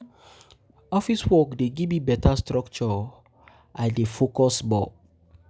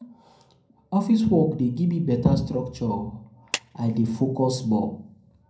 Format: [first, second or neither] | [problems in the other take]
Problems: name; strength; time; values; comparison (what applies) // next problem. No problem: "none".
first | background sound (Clapping); 13 dB below the speech // room echo; dies away in 0.5 s